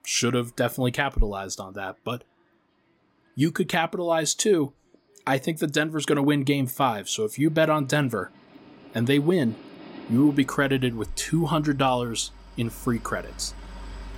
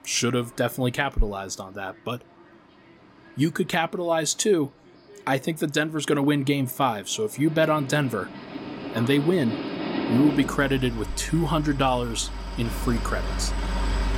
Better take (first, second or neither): first